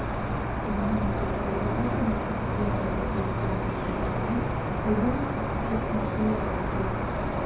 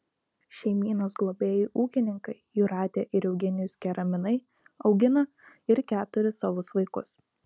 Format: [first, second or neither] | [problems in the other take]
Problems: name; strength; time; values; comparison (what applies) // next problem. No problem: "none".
second | background sound (Cricket); 5 dB above the speech // room echo; dies away in 0.6 s